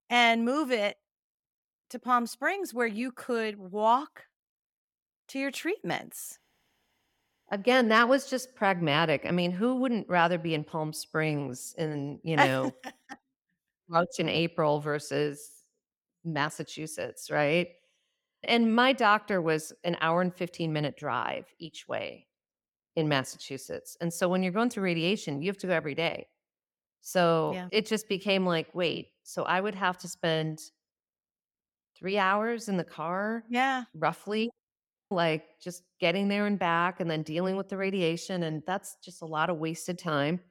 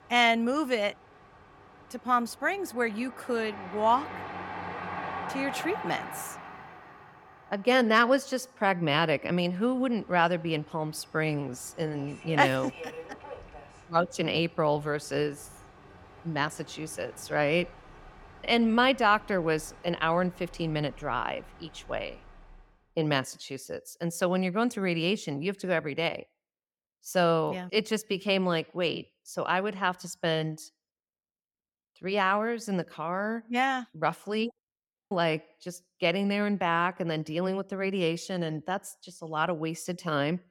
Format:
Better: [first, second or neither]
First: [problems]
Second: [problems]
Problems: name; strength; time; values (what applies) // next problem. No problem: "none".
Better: first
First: none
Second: train or aircraft noise; noticeable; until 23 s; 15 dB below the speech